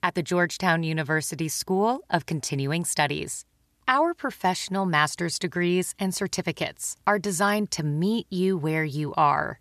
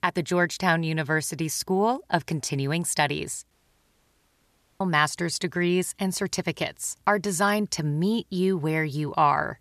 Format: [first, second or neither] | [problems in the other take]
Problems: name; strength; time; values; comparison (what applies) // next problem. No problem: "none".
first | audio cutting out; at 3.5 s for 1.5 s